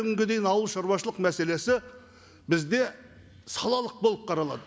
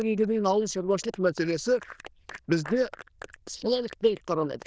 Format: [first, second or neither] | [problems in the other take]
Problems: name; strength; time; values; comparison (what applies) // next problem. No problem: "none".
first | noise reduction (neural diffusion model UNIVERSE++)